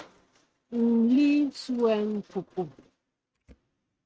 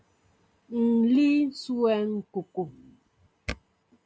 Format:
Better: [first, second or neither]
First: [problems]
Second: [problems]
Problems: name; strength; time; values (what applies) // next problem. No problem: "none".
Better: second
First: noise reduction (neural mask model RNNoise)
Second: none